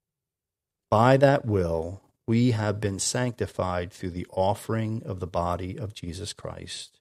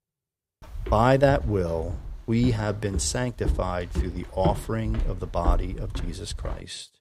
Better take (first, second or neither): first